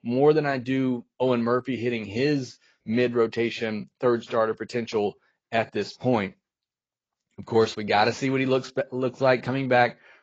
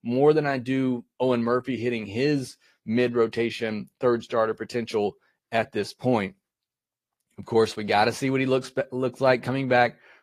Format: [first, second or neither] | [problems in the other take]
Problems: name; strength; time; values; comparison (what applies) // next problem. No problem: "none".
second | garbled, watery; badly; nothing above 7.5 kHz; slightly in the second